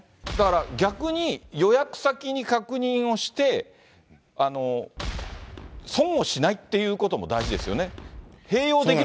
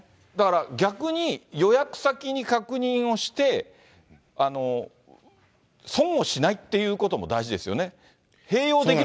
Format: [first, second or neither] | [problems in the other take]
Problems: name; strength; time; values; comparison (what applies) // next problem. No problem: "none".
second | background sound (Boom); 11 dB below the speech